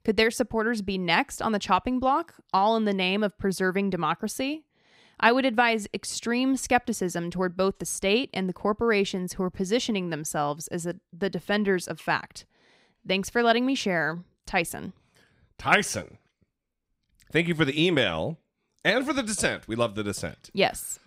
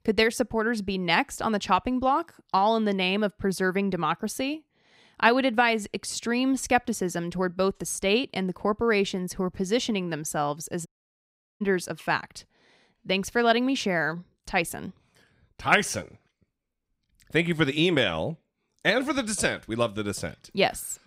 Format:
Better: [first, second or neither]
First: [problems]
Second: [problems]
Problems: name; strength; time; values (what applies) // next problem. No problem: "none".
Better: first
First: none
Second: audio cutting out; at 11 s for 0.5 s